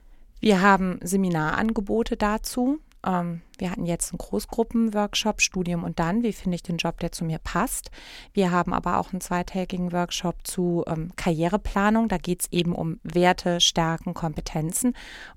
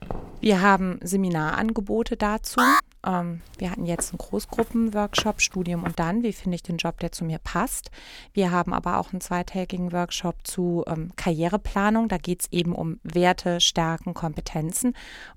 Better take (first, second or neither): first